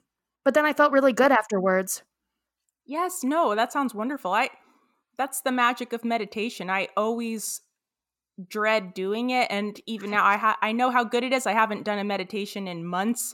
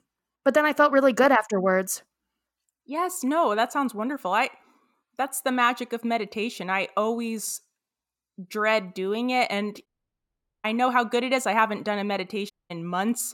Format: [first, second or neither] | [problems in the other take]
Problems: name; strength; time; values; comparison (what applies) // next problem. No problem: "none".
first | audio cutting out; at 10 s for 1 s and at 13 s